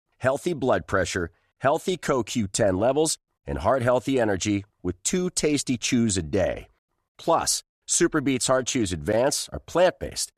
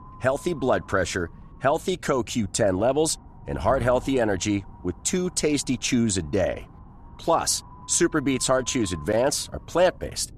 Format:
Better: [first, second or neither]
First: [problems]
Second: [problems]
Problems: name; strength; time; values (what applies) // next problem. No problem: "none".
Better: first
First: none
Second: wind noise on the microphone; occasional gusts; 25 dB below the speech